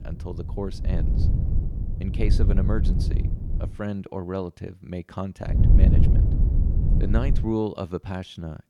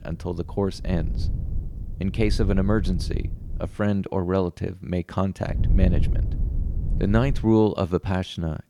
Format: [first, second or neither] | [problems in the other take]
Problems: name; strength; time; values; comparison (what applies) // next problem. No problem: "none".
second | wind noise on the microphone; heavy; until 3.5 s and from 5.5 to 7.5 s; 4 dB below the speech; occasional gusts in the second